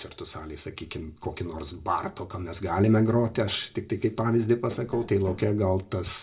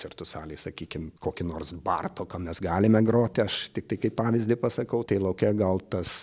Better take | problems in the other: second | background sound (Tap); 14 dB below the speech // room echo; dies away in 0.2 s

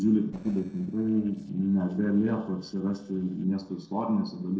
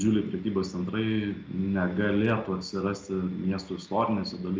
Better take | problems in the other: second | noise reduction (neural separator model SepFormer DNS4)

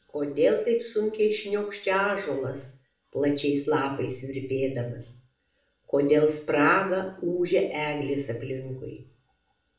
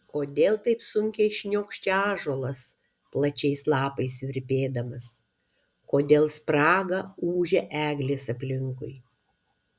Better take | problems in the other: second | room echo; dies away in 0.5 s

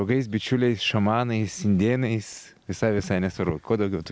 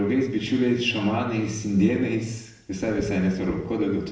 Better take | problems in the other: first | room echo; dies away in 0.7 s

